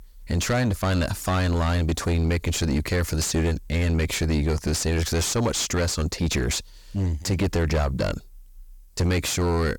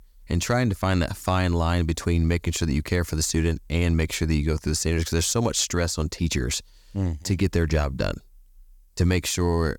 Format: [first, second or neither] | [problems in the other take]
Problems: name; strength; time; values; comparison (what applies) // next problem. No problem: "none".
second | distortion; heavy; 6 dB below the speech